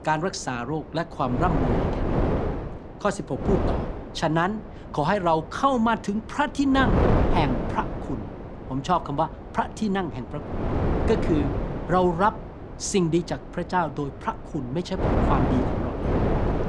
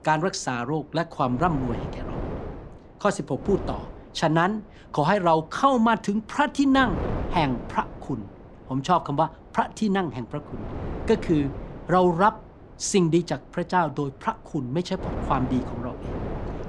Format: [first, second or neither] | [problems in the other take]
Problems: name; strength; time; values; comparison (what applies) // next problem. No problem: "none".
second | wind noise on the microphone; heavy; 4 dB below the speech; occasional gusts in the second